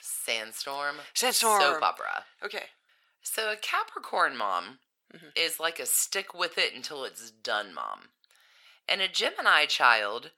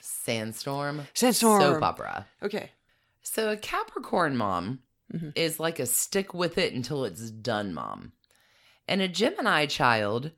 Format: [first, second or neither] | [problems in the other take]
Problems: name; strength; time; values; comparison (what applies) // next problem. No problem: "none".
second | thin; very; fading below 650 Hz